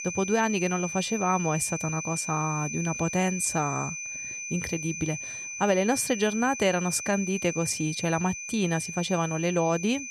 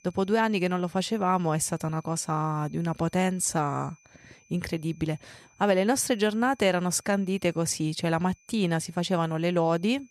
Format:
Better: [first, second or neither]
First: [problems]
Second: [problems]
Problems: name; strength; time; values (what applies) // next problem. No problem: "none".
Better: second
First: high-pitched whine; loud; throughout; 2.5 kHz, 6 dB below the speech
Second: high-pitched whine; faint; throughout; 2.5 kHz, 30 dB below the speech